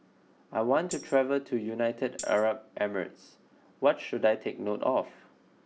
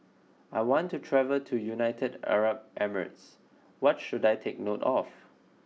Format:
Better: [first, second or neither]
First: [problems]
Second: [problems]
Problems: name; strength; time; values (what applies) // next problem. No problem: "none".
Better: second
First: background sound (Tambourine); 18 dB below the speech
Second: none